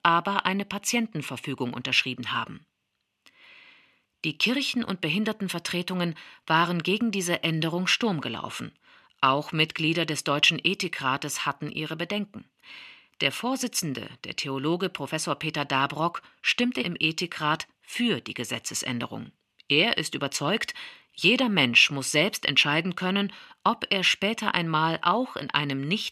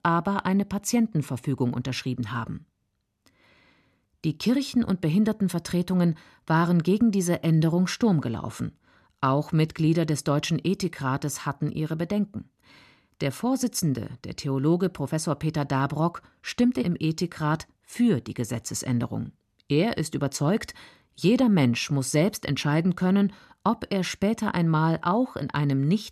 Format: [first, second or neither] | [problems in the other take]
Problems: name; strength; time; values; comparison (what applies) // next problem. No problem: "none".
second | thin; somewhat; fading below 350 Hz